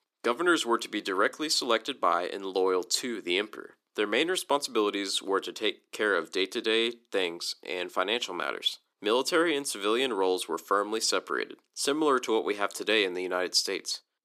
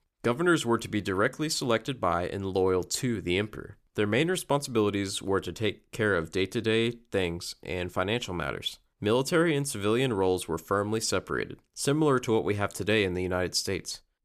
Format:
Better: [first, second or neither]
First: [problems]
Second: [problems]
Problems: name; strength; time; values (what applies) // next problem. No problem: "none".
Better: second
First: thin; somewhat; fading below 300 Hz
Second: none